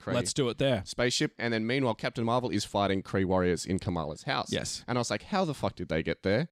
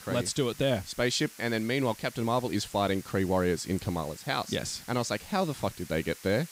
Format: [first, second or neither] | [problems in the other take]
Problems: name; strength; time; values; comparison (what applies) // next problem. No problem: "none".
first | hiss; noticeable; throughout; 15 dB below the speech